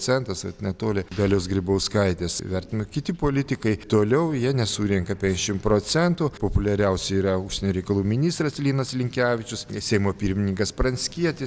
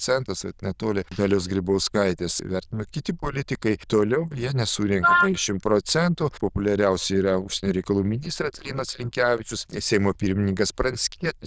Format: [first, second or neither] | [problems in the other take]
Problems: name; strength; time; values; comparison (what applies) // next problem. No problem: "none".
first | noise reduction (neural diffusion model UNIVERSE++)